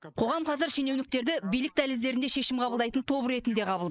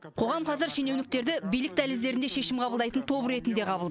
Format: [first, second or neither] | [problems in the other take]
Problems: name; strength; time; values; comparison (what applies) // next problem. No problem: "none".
second | noise reduction (neural mask model Resemble Enhance denoiser)